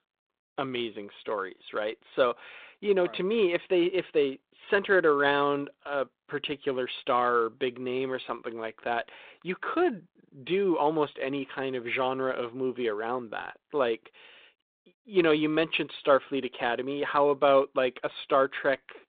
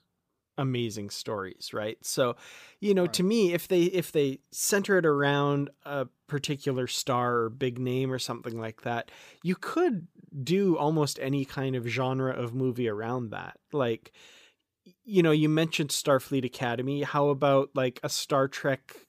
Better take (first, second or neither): second